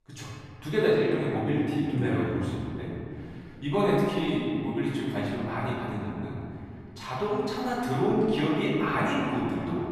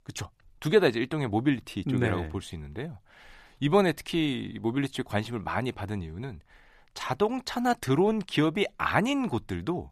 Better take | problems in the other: second | off-mic speech; far // room echo; strong; dies away in 2.6 s

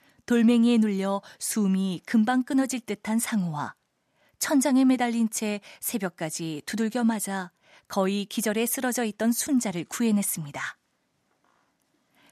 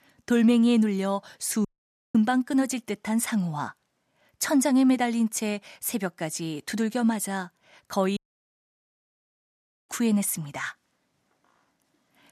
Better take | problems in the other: first | audio cutting out; at 1.5 s and at 8 s for 1.5 s

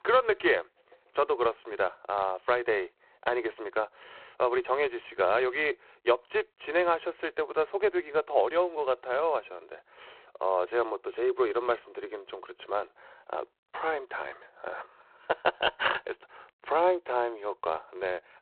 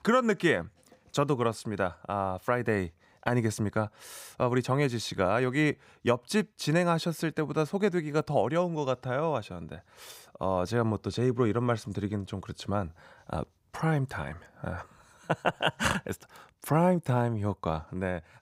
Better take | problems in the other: second | phone-call audio; poor line; nothing above 3.5 kHz

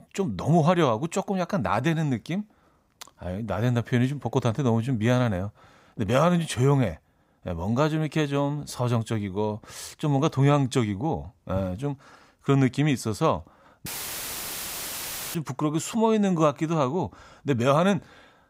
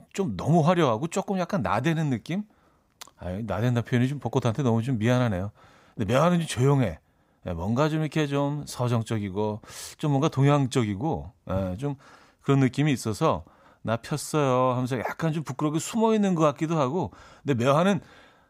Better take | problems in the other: second | audio cutting out; filled with static; at 14 s for 1.5 s

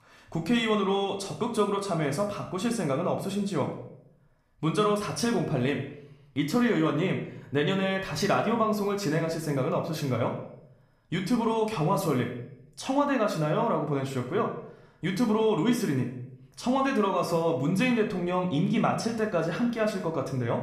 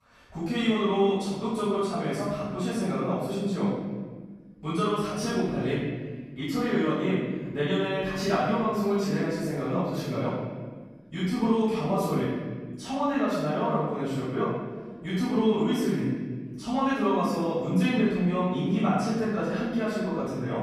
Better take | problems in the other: first | room echo; strong; dies away in 1.5 s; slight in the first // off-mic speech; far; somewhat distant in the first

